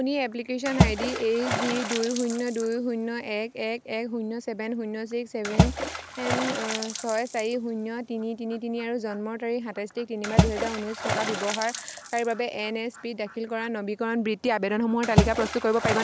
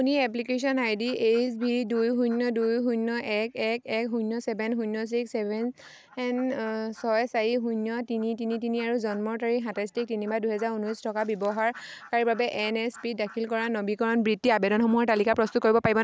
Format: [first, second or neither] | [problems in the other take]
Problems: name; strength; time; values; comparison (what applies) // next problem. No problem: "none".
second | background sound (Water / Splash, splatter); 2 dB below the speech